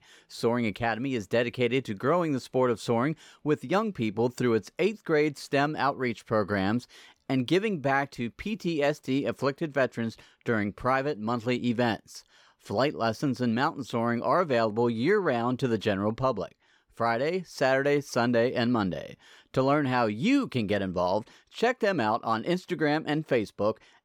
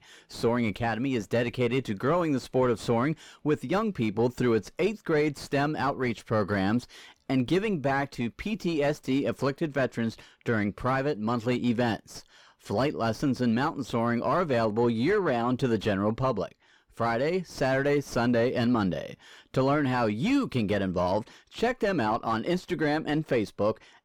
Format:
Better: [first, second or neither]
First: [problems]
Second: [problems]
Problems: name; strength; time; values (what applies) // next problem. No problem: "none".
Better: first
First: none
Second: distortion; slight; 10 dB below the speech